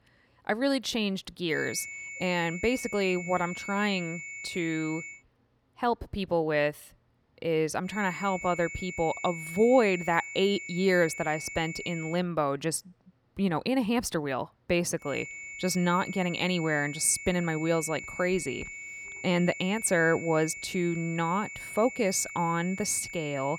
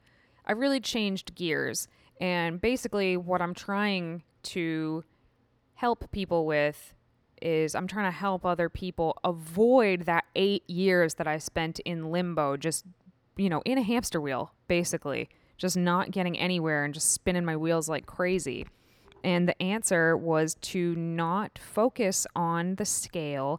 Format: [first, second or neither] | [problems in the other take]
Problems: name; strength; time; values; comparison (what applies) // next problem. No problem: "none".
second | high-pitched whine; loud; from 1.5 to 5 s, from 8 to 12 s and from 15 s on; 2 kHz, 10 dB below the speech